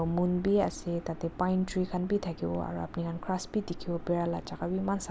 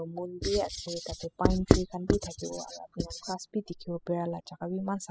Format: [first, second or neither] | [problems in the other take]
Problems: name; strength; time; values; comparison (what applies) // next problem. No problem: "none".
first | noise reduction (classical method spectral subtraction)